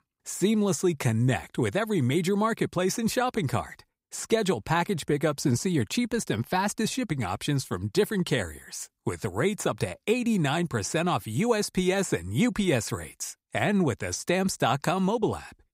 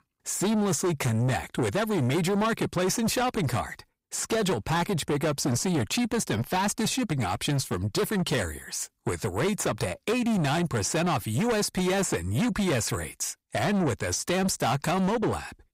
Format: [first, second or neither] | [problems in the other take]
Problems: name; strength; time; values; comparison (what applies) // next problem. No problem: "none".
first | distortion; heavy; 8 dB below the speech